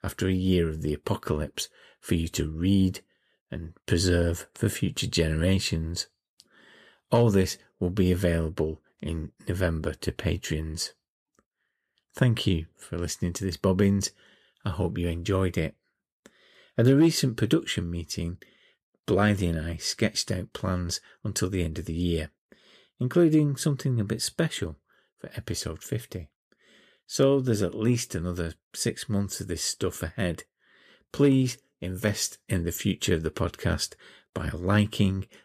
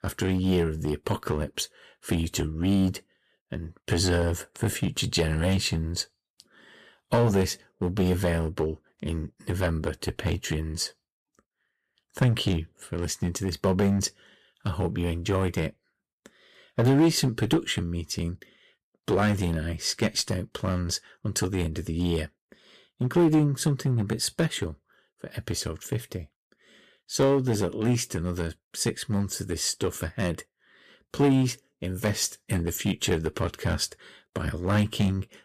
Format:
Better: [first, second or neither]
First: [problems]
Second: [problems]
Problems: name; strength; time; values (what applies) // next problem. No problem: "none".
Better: first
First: none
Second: distortion; slight; 3% of the sound clipped